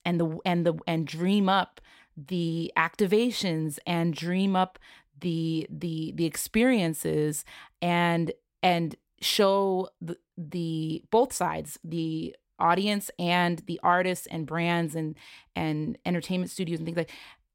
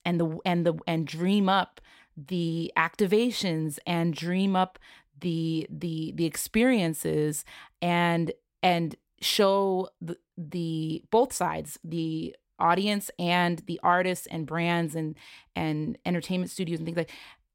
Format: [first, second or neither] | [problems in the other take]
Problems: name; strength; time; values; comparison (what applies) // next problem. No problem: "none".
neither | none